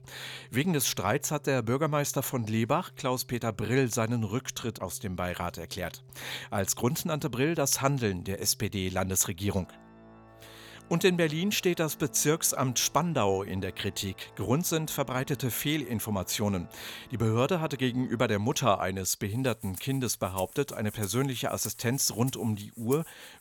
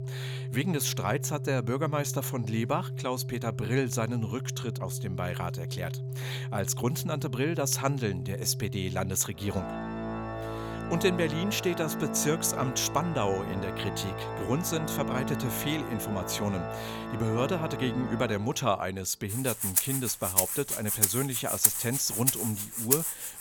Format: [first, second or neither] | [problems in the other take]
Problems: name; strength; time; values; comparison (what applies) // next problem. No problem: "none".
first | background music; loud; throughout; 2 dB below the speech; faint in the first